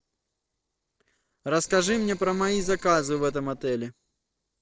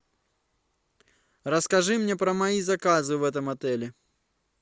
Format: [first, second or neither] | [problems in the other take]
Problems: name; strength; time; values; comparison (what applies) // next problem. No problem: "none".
second | noise reduction (neural separator model SepFormer DNS4)